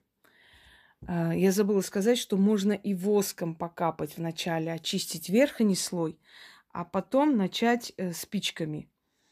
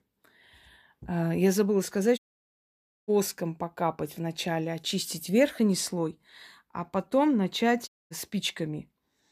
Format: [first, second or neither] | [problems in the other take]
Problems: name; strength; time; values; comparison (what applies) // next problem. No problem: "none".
first | audio cutting out; at 2 s for 1 s and at 8 s